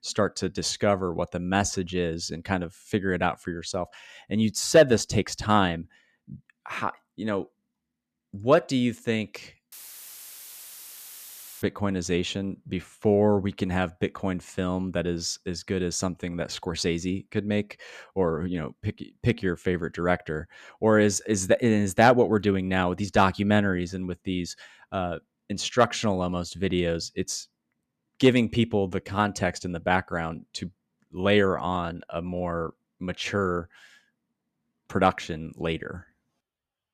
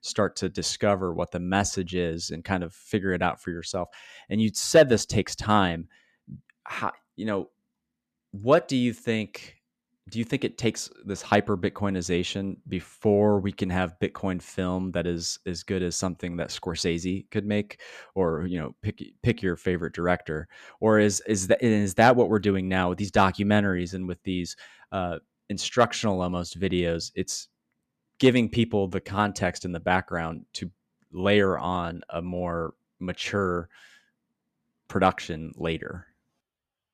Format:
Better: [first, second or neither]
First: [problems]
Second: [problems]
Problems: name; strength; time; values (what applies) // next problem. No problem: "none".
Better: second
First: audio cutting out; filled with static; at 9.5 s for 2 s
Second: none